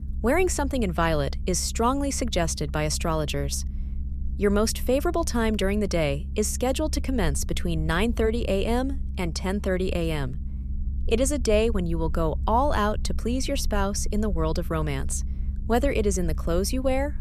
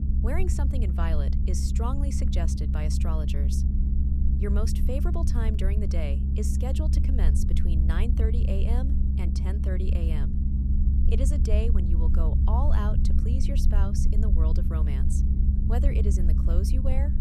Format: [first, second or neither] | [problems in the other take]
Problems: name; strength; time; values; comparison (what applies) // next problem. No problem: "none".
first | low rumble; loud; throughout; 2 dB below the speech; faint in the first